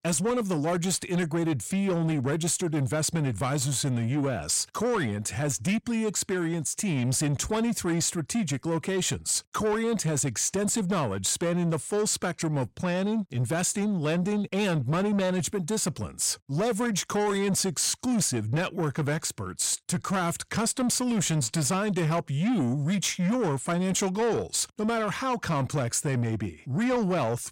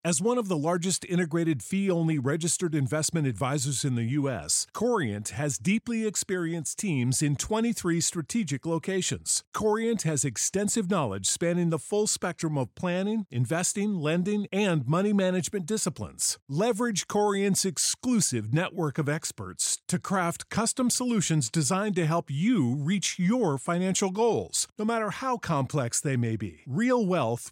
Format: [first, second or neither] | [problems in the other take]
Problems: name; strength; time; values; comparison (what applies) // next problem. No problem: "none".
second | distortion; slight; 10 dB below the speech